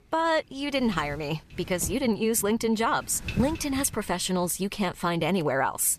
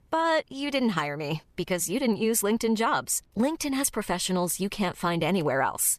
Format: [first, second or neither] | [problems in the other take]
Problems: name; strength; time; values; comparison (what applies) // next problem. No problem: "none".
second | wind noise on the microphone; occasional gusts; 15 dB below the speech